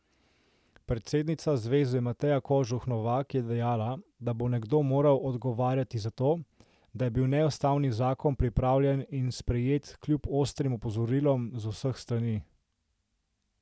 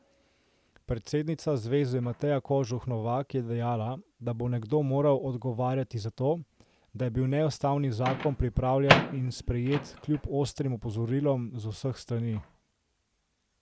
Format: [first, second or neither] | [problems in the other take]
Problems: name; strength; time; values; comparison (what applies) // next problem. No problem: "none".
first | background sound (Microwave oven); 8 dB below the speech